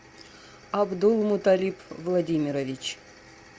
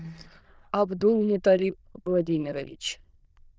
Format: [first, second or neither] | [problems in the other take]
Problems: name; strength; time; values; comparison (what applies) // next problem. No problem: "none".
first | noise reduction (neural diffusion model UNIVERSE++)